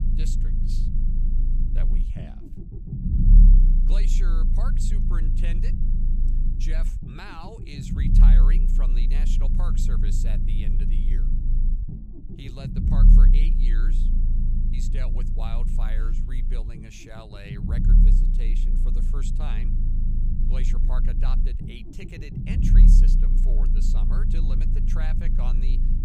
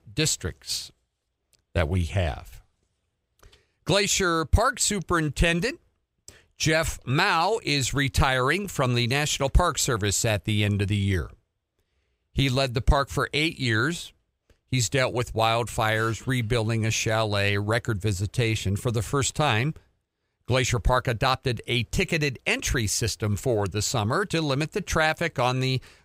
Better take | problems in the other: second | low rumble; loud; throughout; as loud as the speech

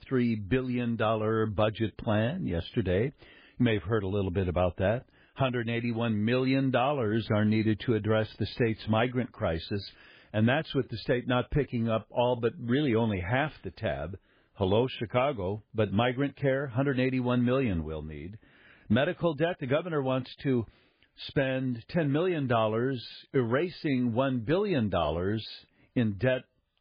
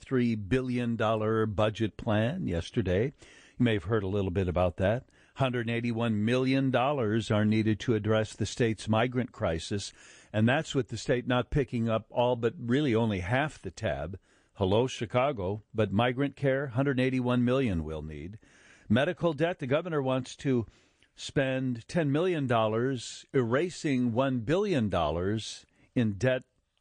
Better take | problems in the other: second | garbled, watery; badly; nothing above 4.5 kHz; slightly in the second

